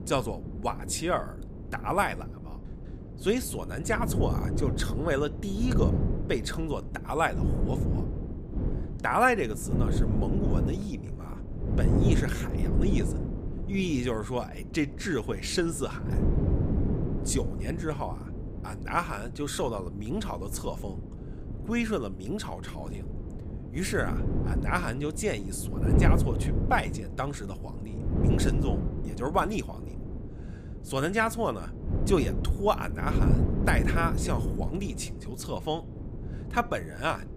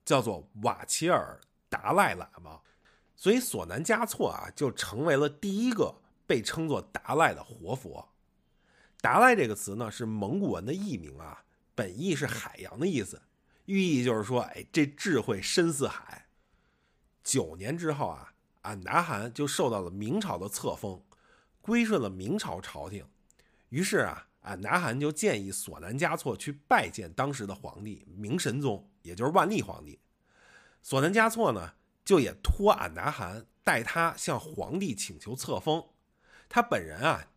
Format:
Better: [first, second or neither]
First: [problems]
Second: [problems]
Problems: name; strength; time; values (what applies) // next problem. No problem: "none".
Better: second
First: wind noise on the microphone; heavy; 9 dB below the speech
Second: none